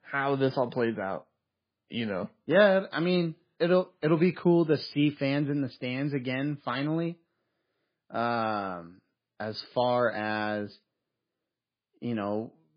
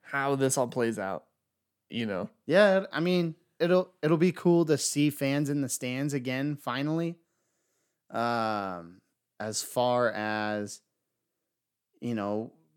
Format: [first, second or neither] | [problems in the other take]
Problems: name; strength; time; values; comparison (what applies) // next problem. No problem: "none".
second | garbled, watery; badly; nothing above 5 kHz